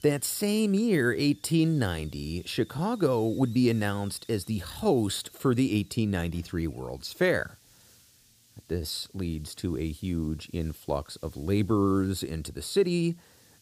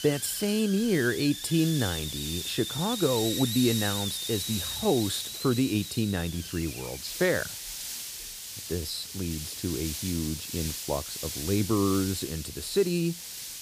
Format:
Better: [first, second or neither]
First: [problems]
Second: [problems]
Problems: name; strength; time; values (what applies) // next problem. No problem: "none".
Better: first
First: hiss; faint; throughout; 25 dB below the speech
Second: hiss; loud; throughout; 5 dB below the speech